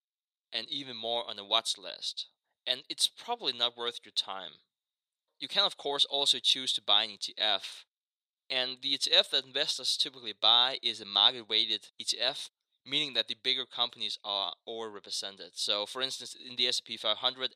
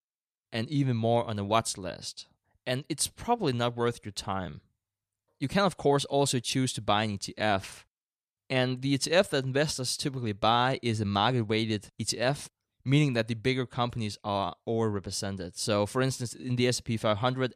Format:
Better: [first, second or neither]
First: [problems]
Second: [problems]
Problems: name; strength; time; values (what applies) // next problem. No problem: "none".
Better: second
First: thin; somewhat; fading below 450 Hz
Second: none